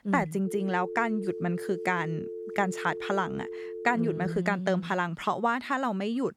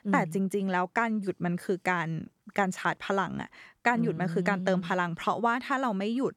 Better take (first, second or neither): second